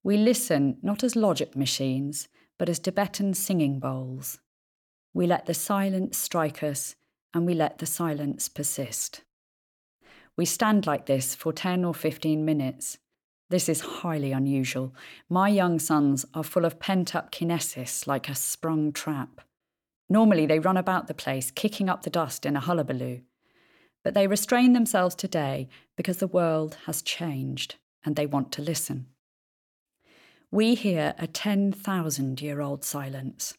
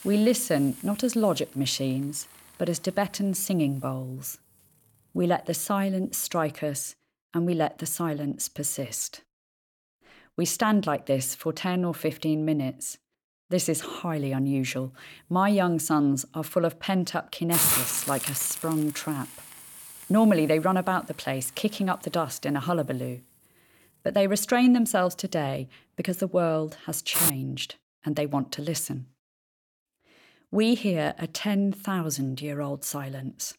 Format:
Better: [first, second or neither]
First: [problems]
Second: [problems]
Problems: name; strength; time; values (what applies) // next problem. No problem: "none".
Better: first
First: none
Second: hiss; loud; until 6.5 s and from 14 to 27 s; 1 dB below the speech